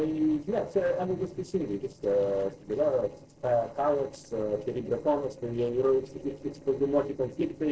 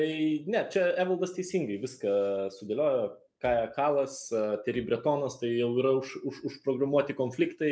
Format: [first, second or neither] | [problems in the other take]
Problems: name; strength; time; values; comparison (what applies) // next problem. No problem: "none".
second | noise reduction (neural separator model SepFormer DNS4)